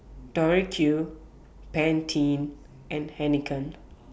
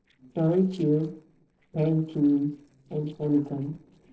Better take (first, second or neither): first